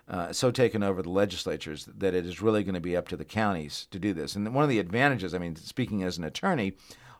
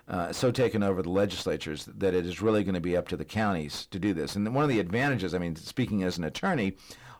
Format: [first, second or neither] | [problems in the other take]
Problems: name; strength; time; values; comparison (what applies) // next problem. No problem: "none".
first | distortion; slight; 10 dB below the speech